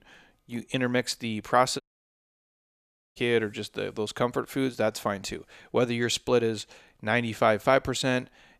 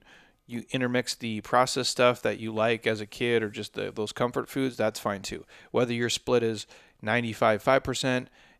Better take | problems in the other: second | audio cutting out; at 2 s for 1.5 s

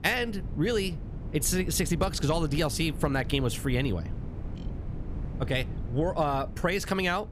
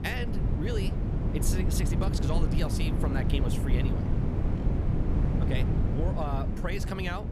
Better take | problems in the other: first | wind noise on the microphone; heavy; 2 dB below the speech; occasional gusts in the first

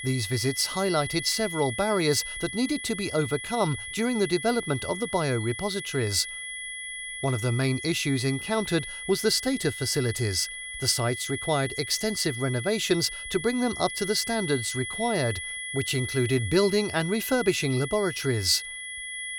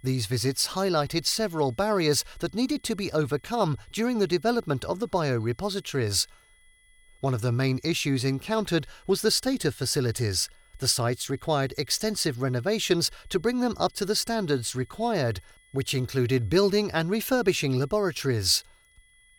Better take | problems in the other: second | high-pitched whine; loud; throughout; 2 kHz, 7 dB below the speech; faint in the second

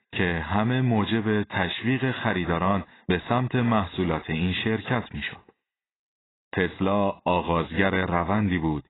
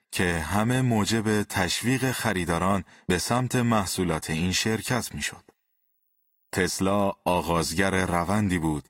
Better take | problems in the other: second | garbled, watery; badly; nothing above 4 kHz; slightly in the second

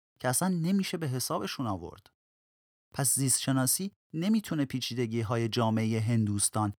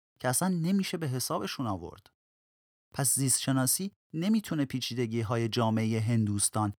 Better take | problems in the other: neither | none

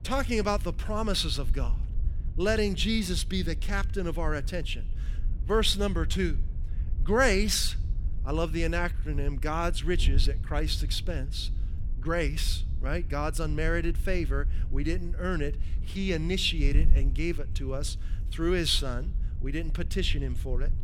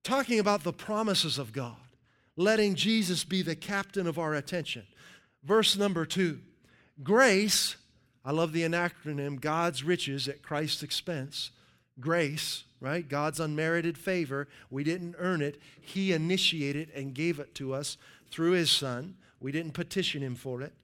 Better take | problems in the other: second | wind noise on the microphone; occasional gusts; 20 dB below the speech

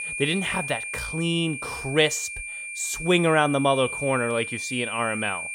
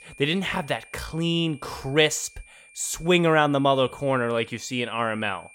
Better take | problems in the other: second | high-pitched whine; loud; throughout; 2.5 kHz, 6 dB below the speech; faint in the second

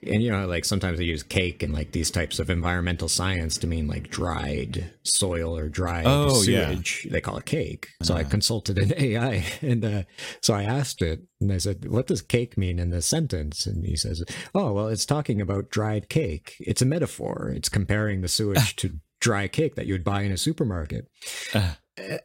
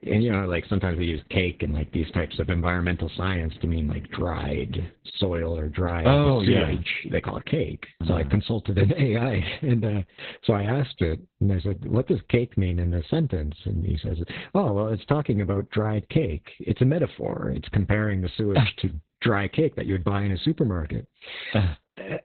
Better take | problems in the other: first | garbled, watery; badly; nothing above 4 kHz

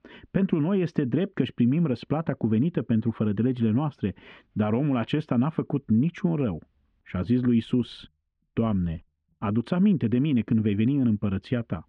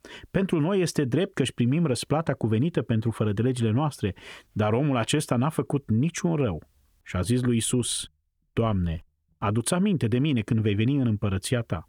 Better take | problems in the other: second | muffled; slightly; fading above 3 kHz

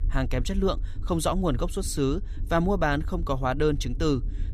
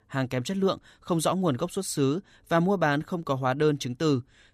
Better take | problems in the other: second | low rumble; faint; throughout; 25 dB below the speech

